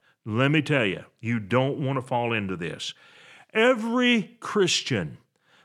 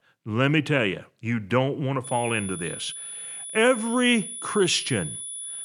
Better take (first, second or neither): first